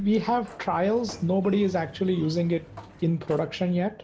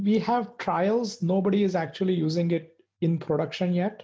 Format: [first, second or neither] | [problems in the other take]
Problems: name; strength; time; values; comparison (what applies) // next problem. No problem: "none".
second | background sound (Sliding door); 19 dB below the speech